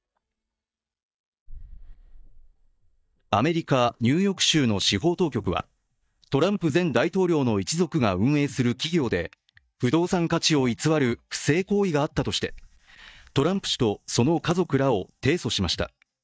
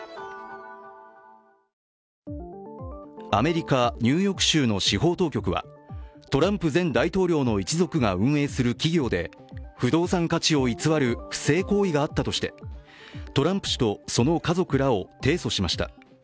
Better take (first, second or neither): second